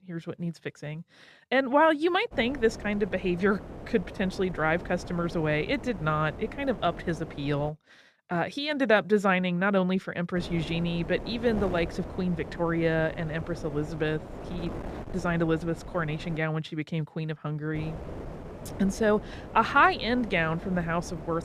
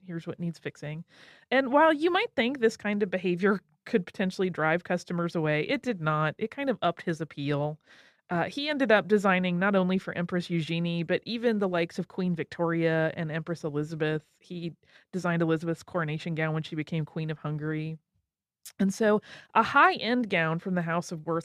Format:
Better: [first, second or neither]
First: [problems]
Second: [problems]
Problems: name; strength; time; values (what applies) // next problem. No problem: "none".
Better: second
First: wind noise on the microphone; occasional gusts; from 2.5 to 7.5 s, from 10 to 16 s and from 18 s on; 15 dB below the speech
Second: none